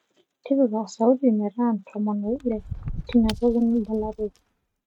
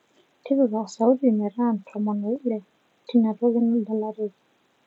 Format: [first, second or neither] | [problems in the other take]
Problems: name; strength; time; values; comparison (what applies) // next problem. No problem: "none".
second | noise reduction (neural mask model RNNoise)